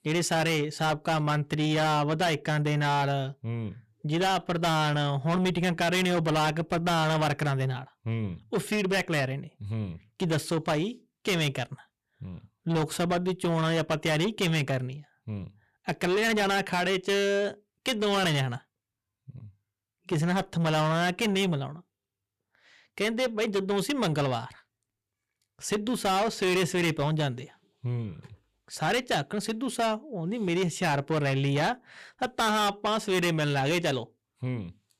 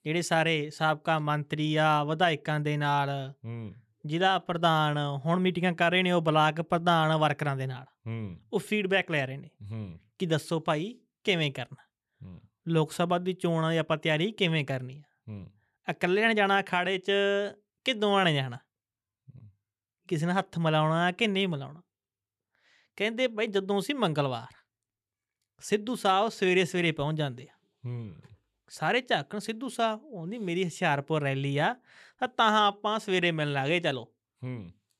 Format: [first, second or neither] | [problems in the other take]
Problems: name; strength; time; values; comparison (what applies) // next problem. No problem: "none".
second | distortion; heavy; 7 dB below the speech